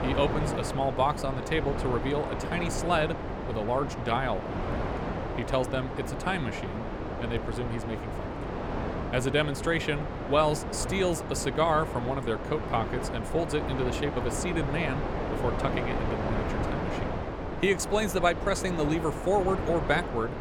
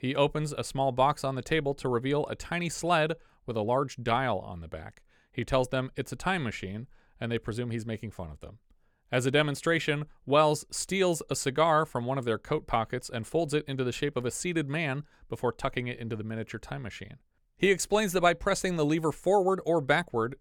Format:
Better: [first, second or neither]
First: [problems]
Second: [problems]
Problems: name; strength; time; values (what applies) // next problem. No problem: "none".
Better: second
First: wind noise on the microphone; heavy; 5 dB below the speech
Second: none